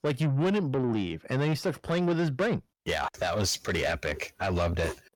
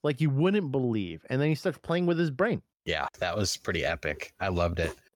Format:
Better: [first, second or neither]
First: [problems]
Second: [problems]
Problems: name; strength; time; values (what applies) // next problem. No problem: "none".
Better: second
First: distortion; slight; 10 dB below the speech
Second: none